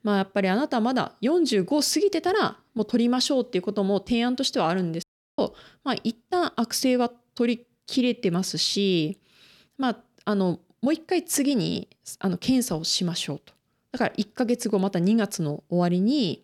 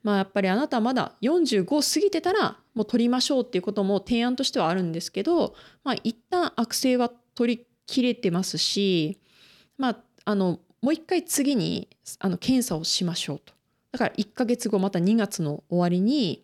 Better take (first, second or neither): second